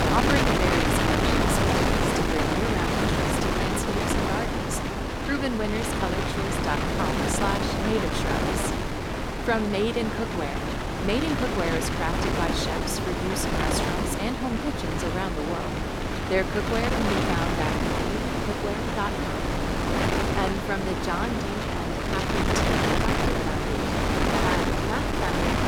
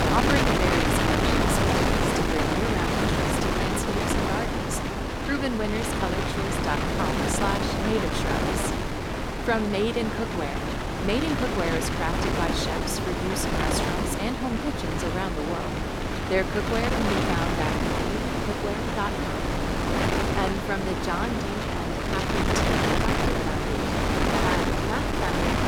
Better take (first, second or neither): neither